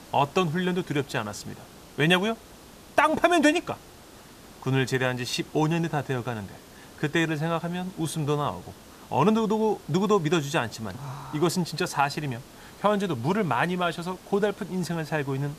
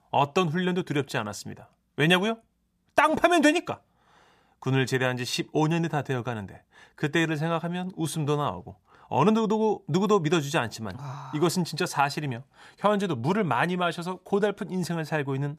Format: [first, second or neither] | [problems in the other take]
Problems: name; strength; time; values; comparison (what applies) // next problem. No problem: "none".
second | hiss; faint; throughout; 20 dB below the speech